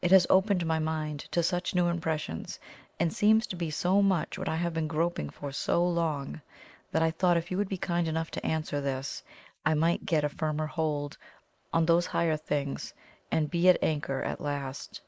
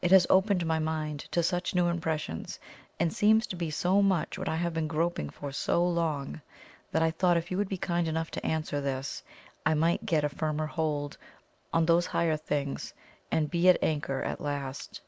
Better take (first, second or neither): second